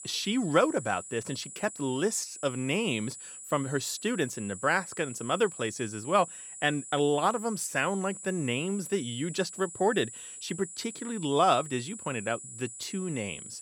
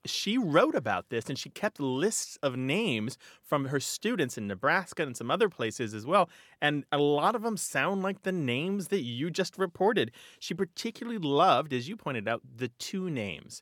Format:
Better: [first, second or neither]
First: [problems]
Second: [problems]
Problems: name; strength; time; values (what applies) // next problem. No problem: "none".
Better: second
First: high-pitched whine; noticeable; throughout; 7.5 kHz, 10 dB below the speech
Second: none